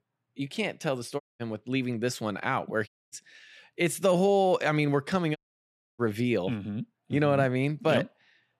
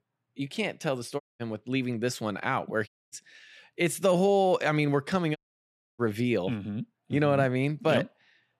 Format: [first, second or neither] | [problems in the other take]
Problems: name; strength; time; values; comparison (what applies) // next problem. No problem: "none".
neither | audio cutting out; at 1 s, at 3 s and at 5.5 s for 0.5 s; the same in both